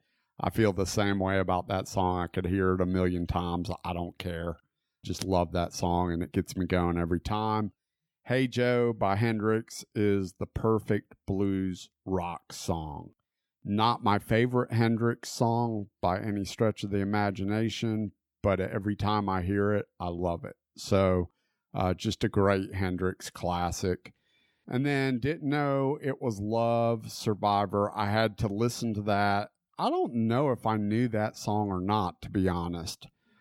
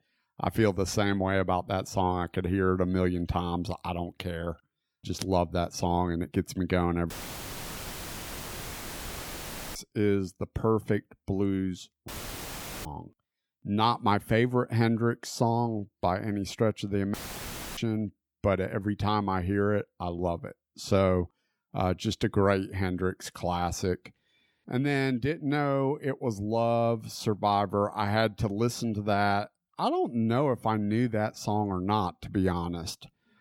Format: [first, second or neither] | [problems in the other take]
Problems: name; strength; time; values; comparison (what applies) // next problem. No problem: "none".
first | audio cutting out; filled with static; at 7 s for 2.5 s, at 12 s for 1 s and at 17 s for 0.5 s